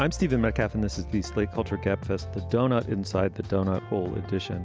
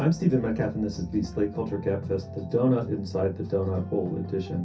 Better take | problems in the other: first | room echo; dies away in 0.3 s

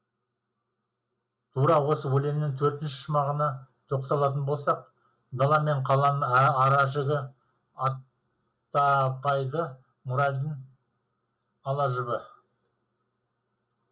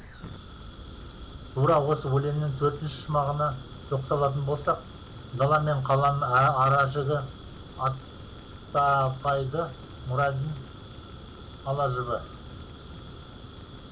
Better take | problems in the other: first | background sound (Fire); 15 dB below the speech

